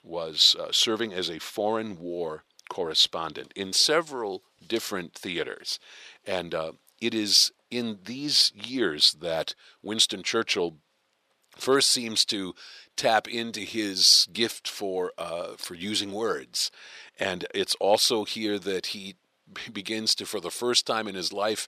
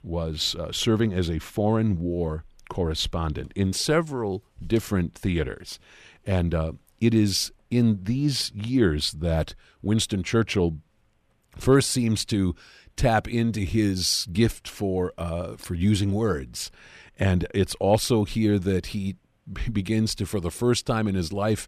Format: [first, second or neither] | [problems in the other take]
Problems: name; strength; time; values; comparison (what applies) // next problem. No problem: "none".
second | thin; somewhat; fading below 450 Hz